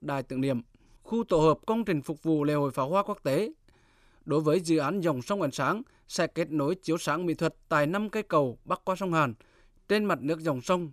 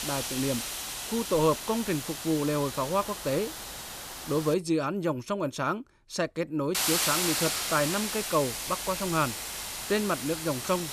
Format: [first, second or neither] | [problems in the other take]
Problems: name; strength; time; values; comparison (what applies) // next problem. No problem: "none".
first | hiss; loud; until 4.5 s and from 7 s on; 2 dB below the speech